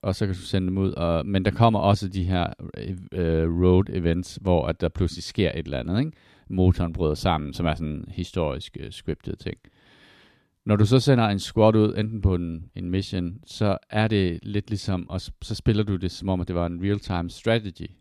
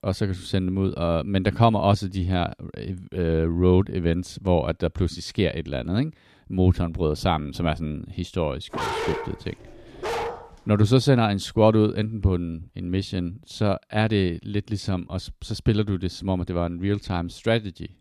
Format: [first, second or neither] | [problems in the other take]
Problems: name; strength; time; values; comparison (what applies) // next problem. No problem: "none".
first | dog barking; noticeable; from 8.5 to 11 s; peak 3 dB below the speech